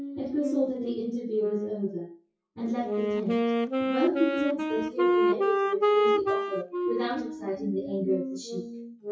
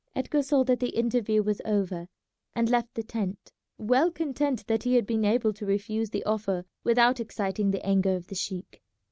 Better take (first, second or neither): second